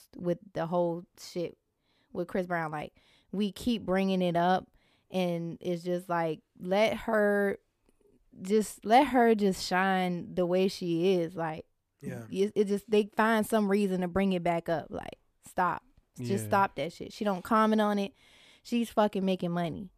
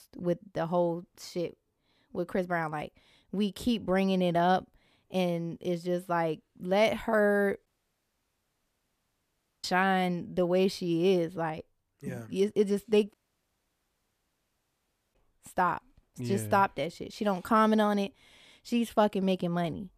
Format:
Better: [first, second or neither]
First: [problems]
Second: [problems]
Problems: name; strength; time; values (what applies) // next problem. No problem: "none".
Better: first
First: none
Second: audio cutting out; at 7.5 s for 2 s and at 13 s for 2 s